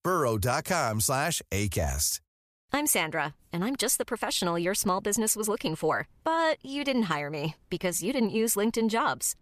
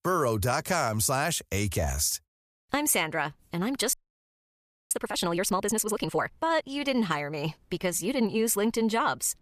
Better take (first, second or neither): first